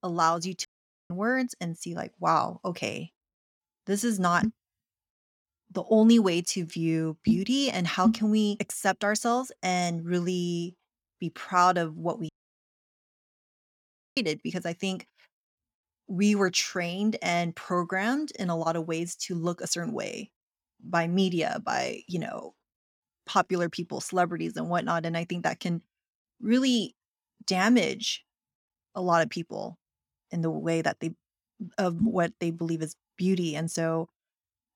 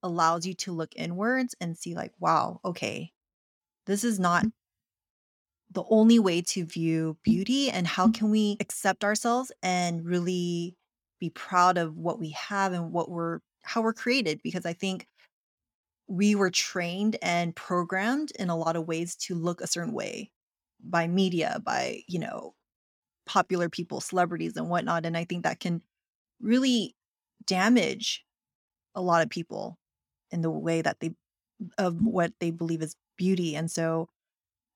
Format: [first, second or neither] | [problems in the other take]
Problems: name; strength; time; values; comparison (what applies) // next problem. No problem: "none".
second | audio cutting out; at 0.5 s and at 12 s for 2 s